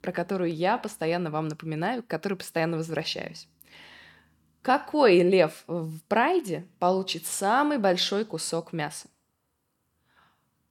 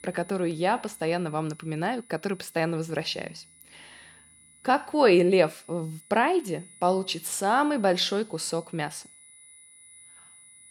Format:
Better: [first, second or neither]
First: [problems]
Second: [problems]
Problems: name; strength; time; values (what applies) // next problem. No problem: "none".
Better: first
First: none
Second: high-pitched whine; faint; throughout; 10 kHz, 25 dB below the speech